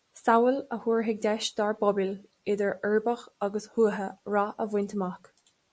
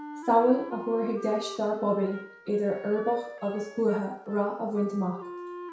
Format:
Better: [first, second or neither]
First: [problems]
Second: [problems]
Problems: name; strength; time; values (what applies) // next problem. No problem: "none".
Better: first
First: none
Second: background sound (Wind instrument, woodwind instrument); 14 dB below the speech // room echo; dies away in 0.6 s